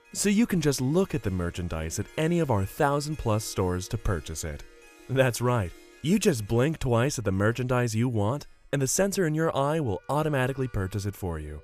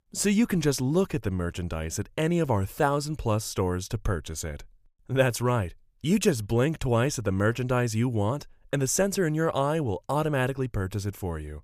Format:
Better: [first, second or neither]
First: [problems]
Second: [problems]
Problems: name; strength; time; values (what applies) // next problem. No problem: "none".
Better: second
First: background music; faint; throughout; 25 dB below the speech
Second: none